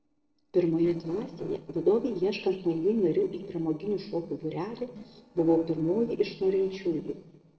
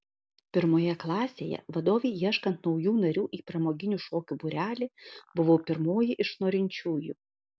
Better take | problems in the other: second | noise reduction (neural separator model SepFormer DNS4)

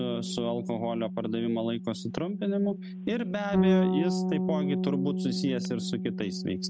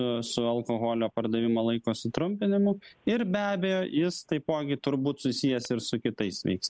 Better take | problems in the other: second | background sound (Bass guitar); as loud as the speech

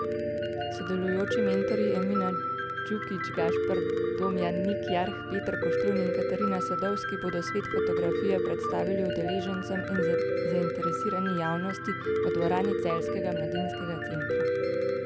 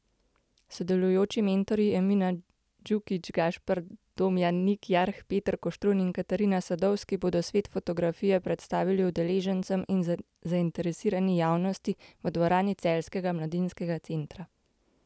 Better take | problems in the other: second | background sound (Piano); 3 dB above the speech

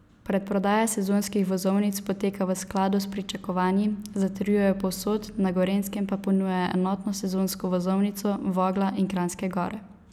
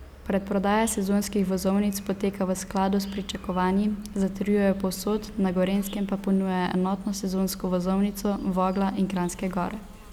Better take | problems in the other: first | background sound (Insect); 19 dB below the speech

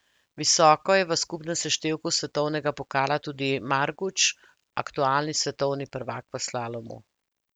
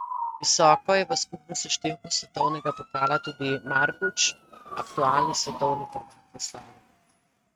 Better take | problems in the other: first | noise reduction (neural mask model RNNoise)

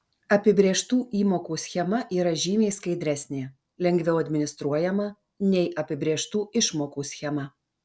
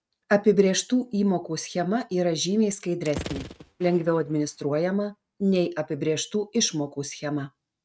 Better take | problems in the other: first | noise reduction (neural mask model RNNoise)

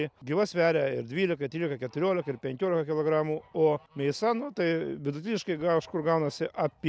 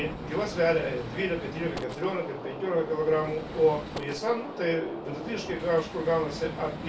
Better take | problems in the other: first | background sound (Gunshot, gunfire); 9 dB below the speech // room echo; dies away in 0.2 s

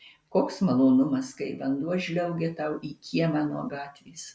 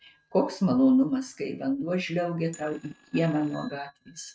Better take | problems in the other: first | noise reduction (neural mask model RNNoise)

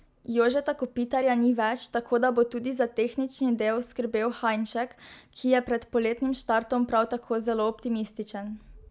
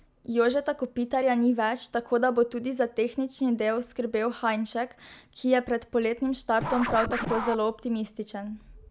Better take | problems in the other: first | background sound (Scratching (performance technique)); 8 dB below the speech

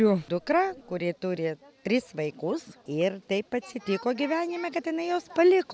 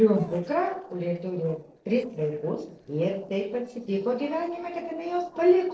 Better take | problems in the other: first | noise reduction (neural separator model SepFormer DNS4)

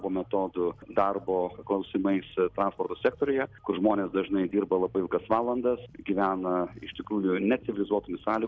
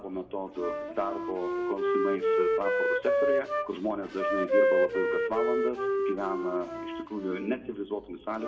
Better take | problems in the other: first | background sound (Wind instrument, woodwind instrument); 4 dB above the speech // room echo; dies away in 0.5 s

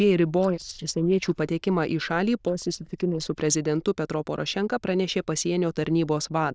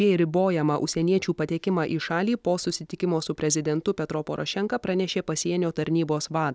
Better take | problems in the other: second | noise reduction (neural diffusion model UNIVERSE++)

